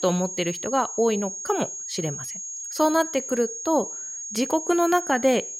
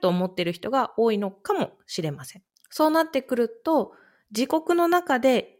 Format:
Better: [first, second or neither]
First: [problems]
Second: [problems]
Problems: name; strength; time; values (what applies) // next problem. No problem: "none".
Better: second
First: high-pitched whine; loud; throughout; 6.5 kHz, 7 dB below the speech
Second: none